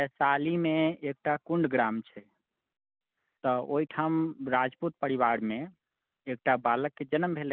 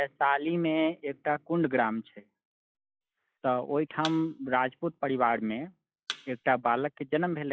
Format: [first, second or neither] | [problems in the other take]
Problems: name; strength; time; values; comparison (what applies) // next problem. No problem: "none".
first | noise reduction (classical method log-MMSE)